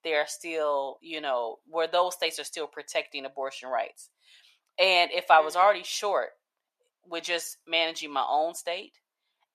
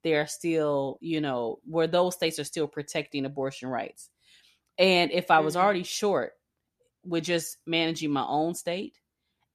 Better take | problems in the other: second | thin; very; fading below 700 Hz

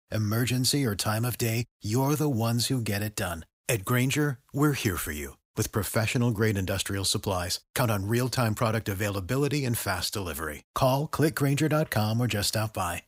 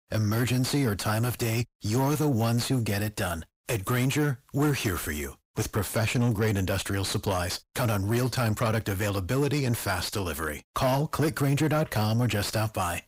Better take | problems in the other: first | distortion; slight; 10 dB below the speech

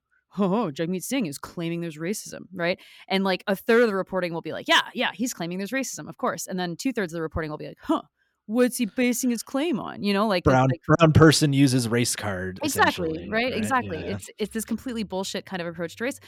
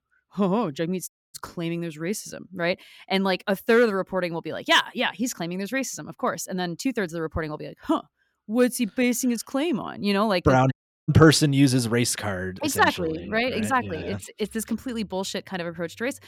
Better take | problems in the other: first | audio cutting out; at 1 s and at 11 s

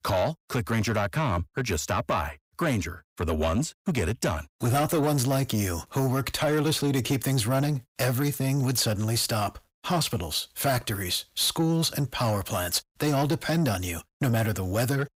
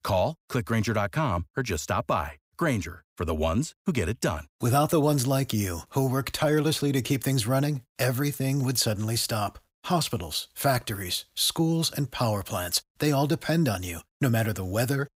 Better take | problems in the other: second | distortion; slight; 10 dB below the speech

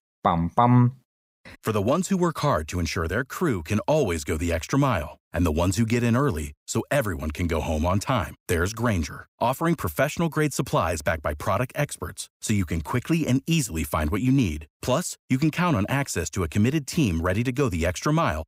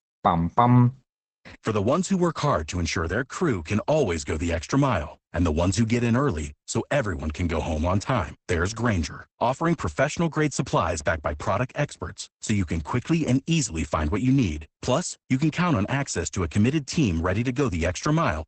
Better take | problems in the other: first | garbled, watery; badly; nothing above 8 kHz

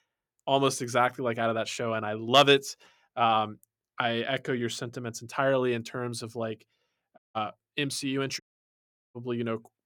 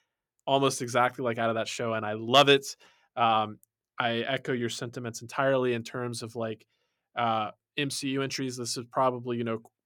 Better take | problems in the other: second | audio cutting out; at 7 s and at 8.5 s for 0.5 s

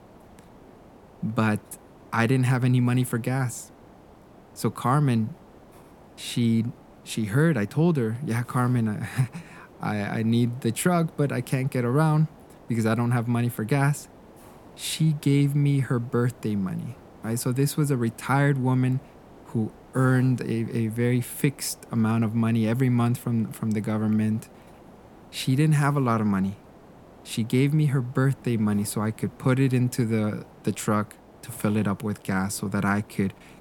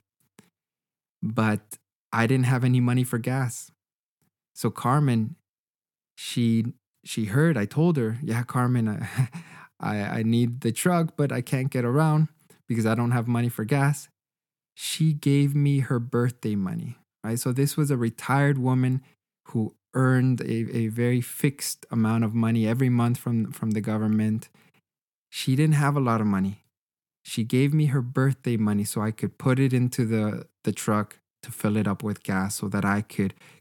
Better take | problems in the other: second | hiss; faint; throughout; 25 dB below the speech

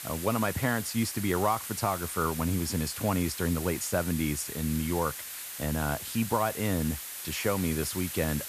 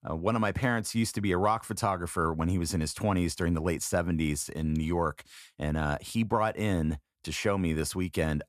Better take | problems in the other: second | hiss; loud; throughout; 7 dB below the speech

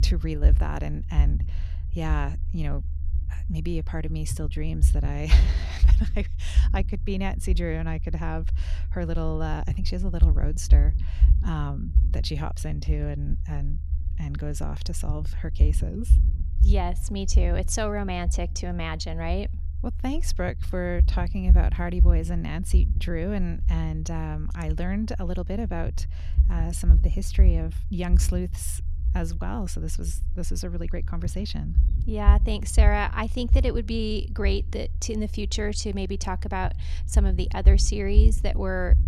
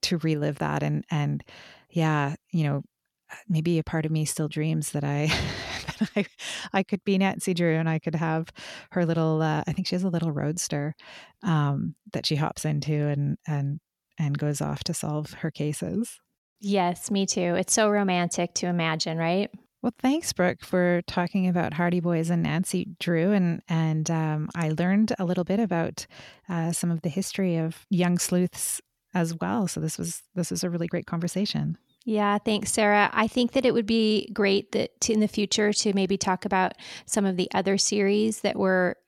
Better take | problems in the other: second | low rumble; noticeable; throughout; 10 dB below the speech

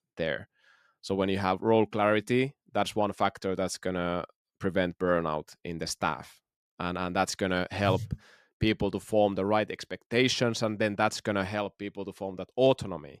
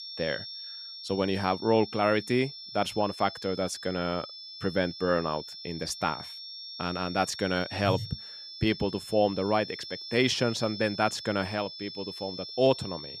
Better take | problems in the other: first | high-pitched whine; noticeable; throughout; 5.5 kHz, 10 dB below the speech

